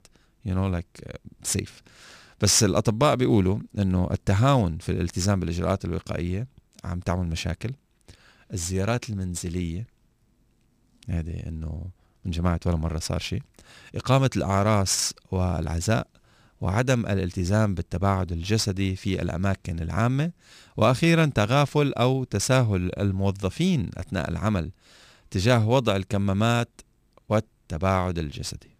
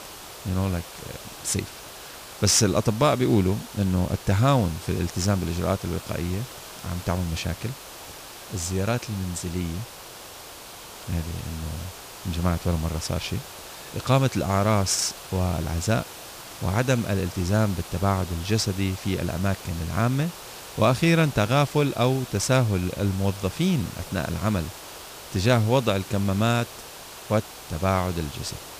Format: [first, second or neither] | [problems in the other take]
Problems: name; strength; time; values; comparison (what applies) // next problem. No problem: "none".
first | hiss; noticeable; throughout; 15 dB below the speech